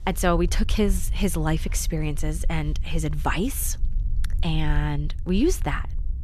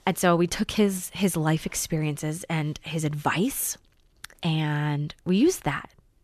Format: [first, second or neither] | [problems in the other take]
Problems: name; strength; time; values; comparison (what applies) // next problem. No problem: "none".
second | low rumble; faint; throughout; 20 dB below the speech